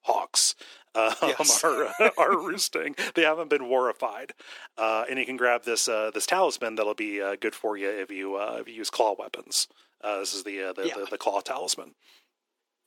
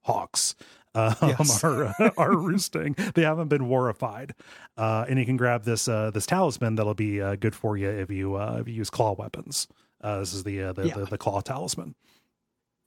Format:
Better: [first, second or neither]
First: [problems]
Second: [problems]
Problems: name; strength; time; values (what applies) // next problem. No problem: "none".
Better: second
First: thin; very; fading below 350 Hz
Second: none